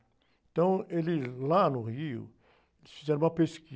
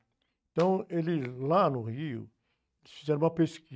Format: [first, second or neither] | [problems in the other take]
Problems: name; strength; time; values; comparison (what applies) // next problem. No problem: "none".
first | noise reduction (neural mask model RNNoise)